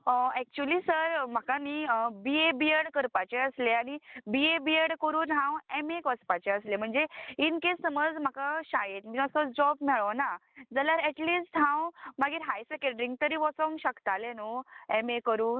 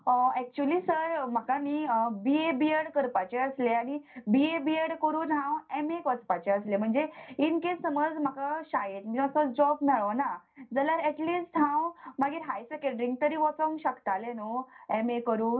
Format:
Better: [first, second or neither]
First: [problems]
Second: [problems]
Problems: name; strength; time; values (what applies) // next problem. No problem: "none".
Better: first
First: none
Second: room echo; dies away in 0.3 s